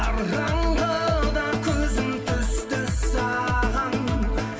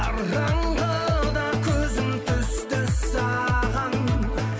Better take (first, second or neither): second